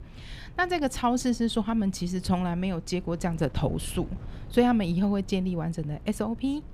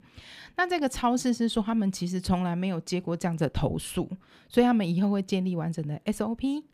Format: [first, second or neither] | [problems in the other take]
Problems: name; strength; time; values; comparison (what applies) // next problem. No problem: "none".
second | wind noise on the microphone; occasional gusts; 25 dB below the speech